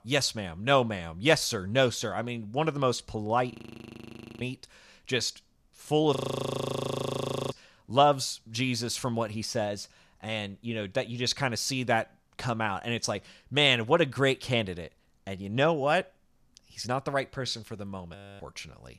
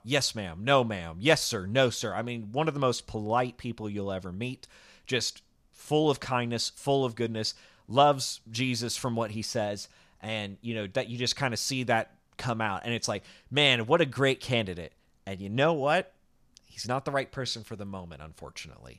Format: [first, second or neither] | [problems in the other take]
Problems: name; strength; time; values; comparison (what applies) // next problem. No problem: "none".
second | audio freezing; at 3.5 s for 1 s, at 6 s for 1.5 s and at 18 s